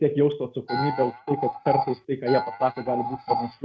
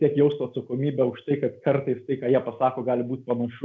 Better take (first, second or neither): second